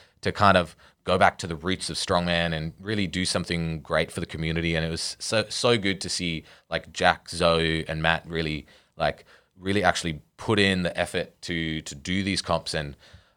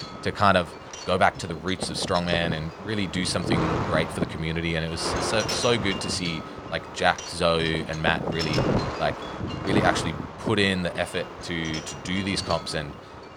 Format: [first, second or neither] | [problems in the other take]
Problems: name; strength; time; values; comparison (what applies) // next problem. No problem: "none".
first | wind noise on the microphone; heavy; 7 dB below the speech